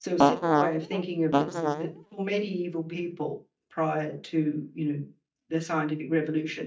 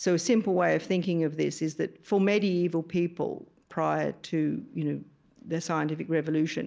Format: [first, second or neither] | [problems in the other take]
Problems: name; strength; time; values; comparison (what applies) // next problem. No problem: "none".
second | noise reduction (neural mask model DeepFilterNet 3)